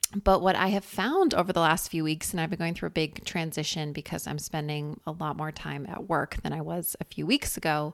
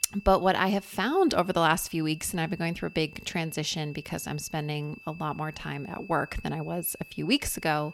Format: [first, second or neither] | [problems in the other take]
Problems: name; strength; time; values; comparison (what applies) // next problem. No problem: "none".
first | high-pitched whine; faint; throughout; 2.5 kHz, 20 dB below the speech